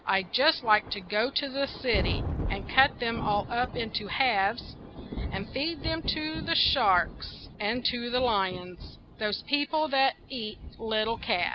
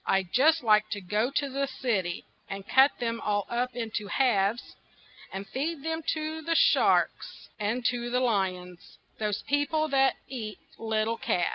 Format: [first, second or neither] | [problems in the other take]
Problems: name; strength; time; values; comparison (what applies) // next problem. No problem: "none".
second | background sound (Thunder); 9 dB below the speech